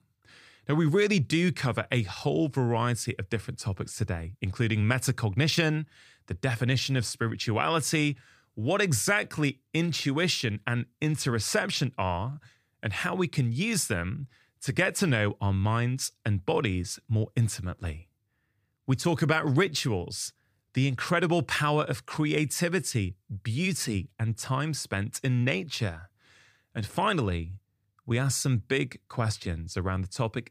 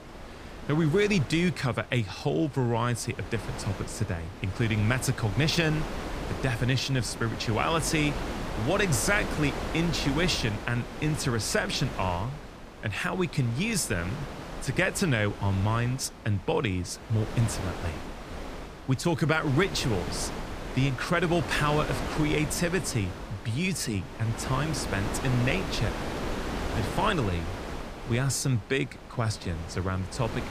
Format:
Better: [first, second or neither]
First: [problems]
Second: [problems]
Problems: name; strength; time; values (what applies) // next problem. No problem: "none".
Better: first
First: none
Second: wind noise on the microphone; heavy; 8 dB below the speech